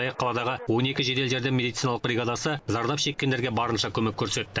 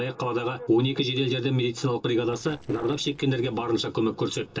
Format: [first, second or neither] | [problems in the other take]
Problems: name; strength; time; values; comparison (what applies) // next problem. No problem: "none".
first | noise reduction (neural separator model SepFormer DNS4)